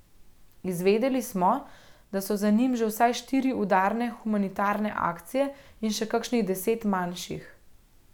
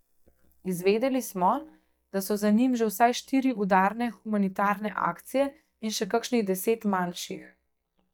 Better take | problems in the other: first | noise reduction (neural mask model DeepFilterNet 3)

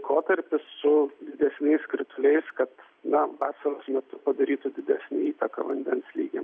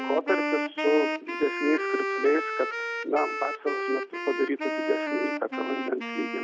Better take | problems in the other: first | background sound (Wind instrument, woodwind instrument); 2 dB below the speech

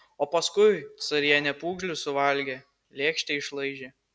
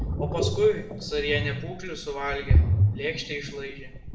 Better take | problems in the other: first | background sound (Ocean); 4 dB above the speech // room echo; dies away in 0.6 s

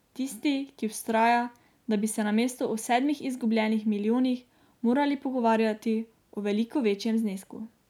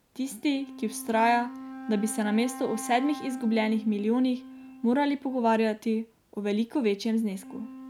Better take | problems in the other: first | background sound (Wind instrument, woodwind instrument); 16 dB below the speech

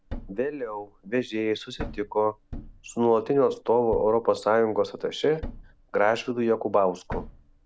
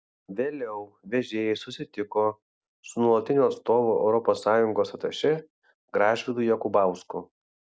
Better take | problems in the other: second | background sound (Thump, thud); 16 dB below the speech

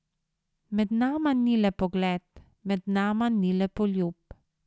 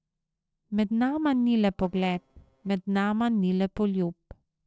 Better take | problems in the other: first | noise reduction (neural separator model SepFormer DNS4)

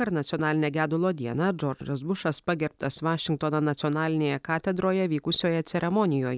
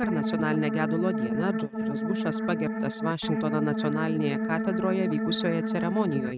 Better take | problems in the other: first | noise reduction (neural mask model RNNoise)

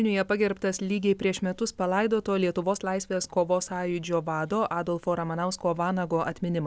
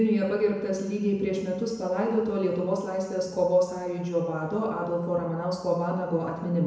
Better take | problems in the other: first | room echo; dies away in 1 s

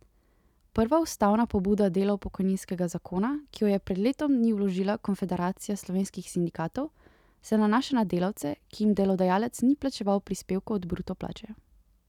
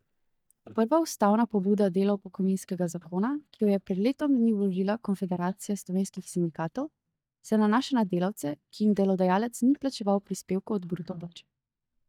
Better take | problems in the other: first | noise reduction (neural mask model DeepFilterNet 3)

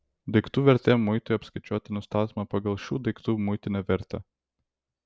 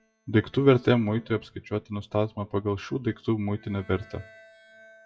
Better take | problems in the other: first | noise reduction (classical method WPE with log-MMSE)

